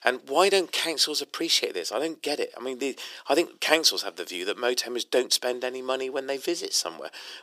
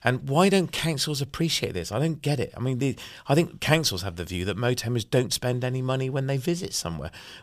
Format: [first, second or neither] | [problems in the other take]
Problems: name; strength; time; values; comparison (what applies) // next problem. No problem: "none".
second | thin; very; fading below 300 Hz